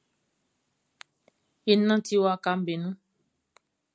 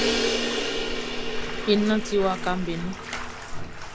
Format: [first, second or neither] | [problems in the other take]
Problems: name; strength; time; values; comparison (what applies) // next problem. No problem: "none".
first | background sound (Crash cymbal + Bathtub (filling or washing)); 1 dB above the speech